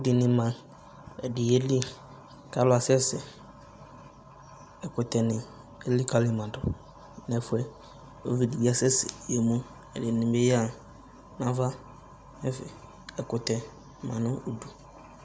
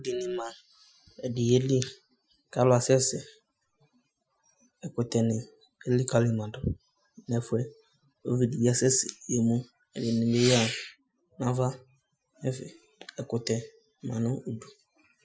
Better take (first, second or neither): first